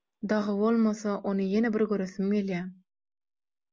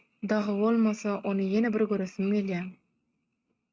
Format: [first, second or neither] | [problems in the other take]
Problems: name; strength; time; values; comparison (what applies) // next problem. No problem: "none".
first | noise reduction (neural mask model RNNoise)